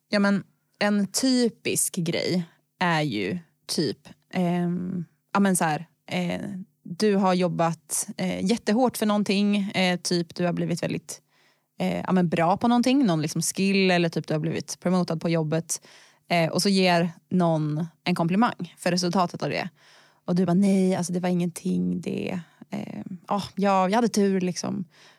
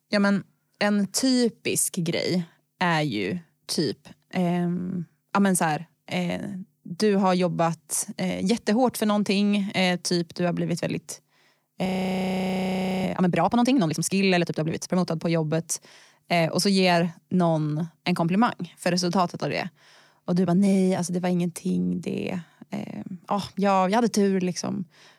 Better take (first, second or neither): first